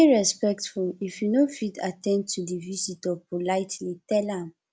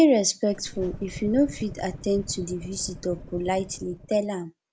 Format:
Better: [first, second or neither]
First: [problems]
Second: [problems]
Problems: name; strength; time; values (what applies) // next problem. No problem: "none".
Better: first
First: none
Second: background sound (Engine starting / Car); 14 dB below the speech